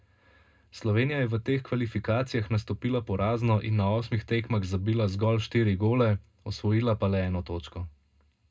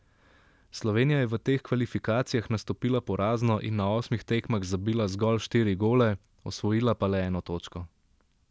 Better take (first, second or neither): second